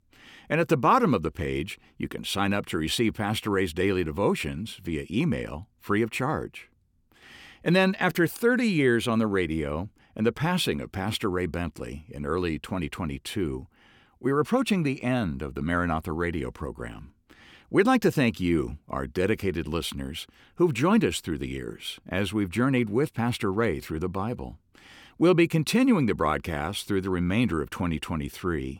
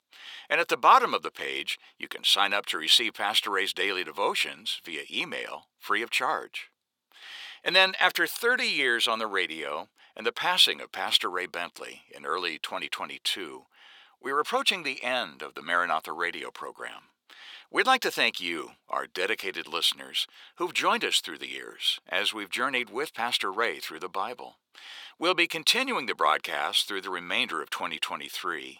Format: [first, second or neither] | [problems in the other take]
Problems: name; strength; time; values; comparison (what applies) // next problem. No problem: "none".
first | thin; very; fading below 800 Hz